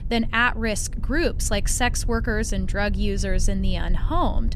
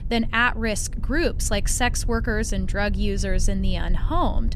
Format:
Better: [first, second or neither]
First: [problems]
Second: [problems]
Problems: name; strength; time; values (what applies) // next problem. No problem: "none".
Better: neither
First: low rumble; faint; throughout; 20 dB below the speech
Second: low rumble; faint; throughout; 20 dB below the speech